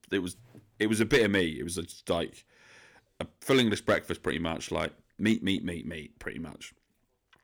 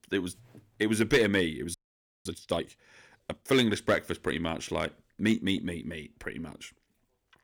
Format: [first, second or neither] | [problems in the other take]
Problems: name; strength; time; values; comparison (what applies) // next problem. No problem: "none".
first | audio freezing; at 1.5 s for 0.5 s